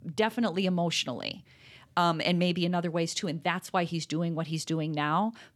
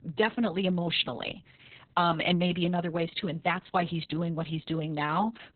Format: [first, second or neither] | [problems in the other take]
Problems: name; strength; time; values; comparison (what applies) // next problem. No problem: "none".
first | garbled, watery; badly; nothing above 4 kHz